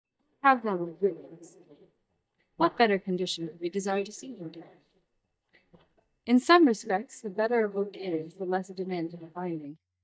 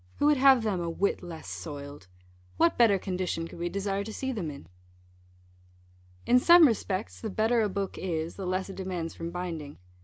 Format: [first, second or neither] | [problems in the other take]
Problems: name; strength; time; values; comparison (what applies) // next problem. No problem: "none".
second | noise reduction (neural mask model DeepFilterNet 3)